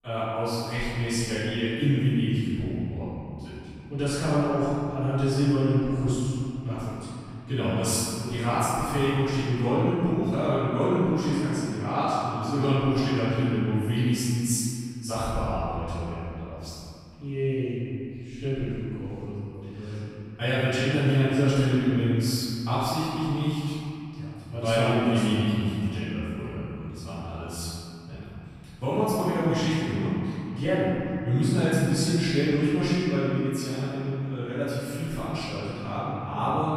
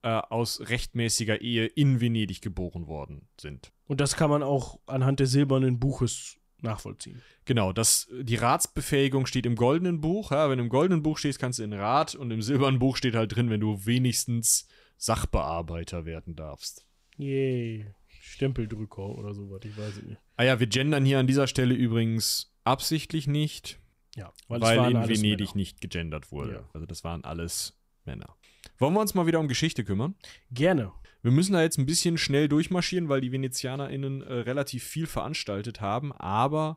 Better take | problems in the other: second | room echo; strong; dies away in 2.7 s // off-mic speech; far

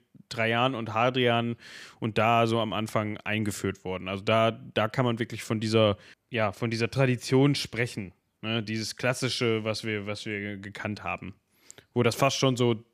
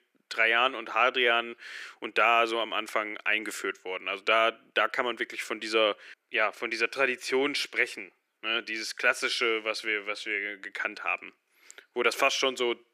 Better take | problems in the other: first | thin; very; fading below 350 Hz

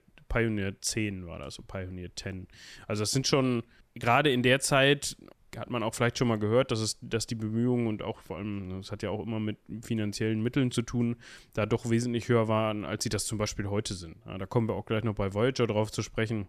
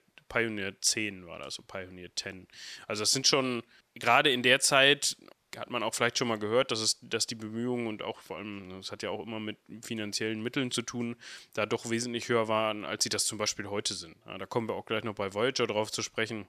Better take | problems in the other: first | thin; very slightly; fading below 950 Hz

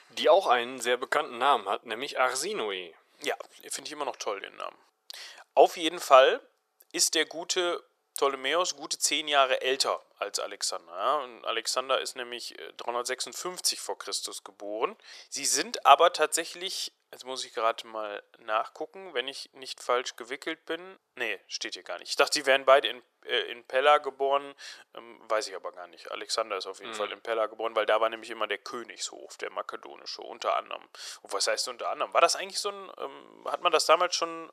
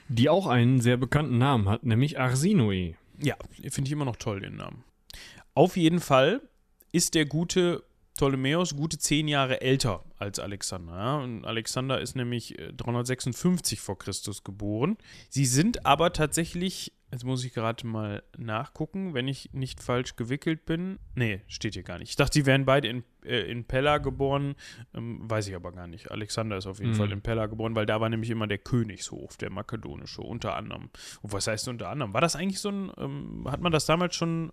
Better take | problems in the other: second | thin; very; fading below 450 Hz

